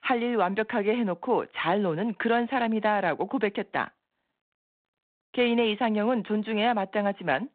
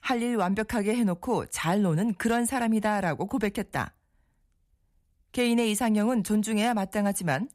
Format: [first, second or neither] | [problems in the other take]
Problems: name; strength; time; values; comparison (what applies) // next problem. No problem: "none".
second | phone-call audio